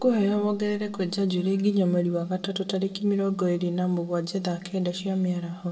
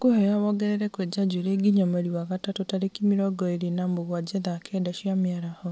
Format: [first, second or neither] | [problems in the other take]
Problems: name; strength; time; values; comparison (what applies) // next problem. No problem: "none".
second | room echo; dies away in 0.9 s